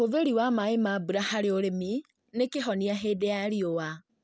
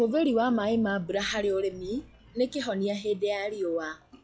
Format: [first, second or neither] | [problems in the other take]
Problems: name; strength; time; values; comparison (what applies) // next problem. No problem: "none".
first | noise reduction (classical method log-MMSE)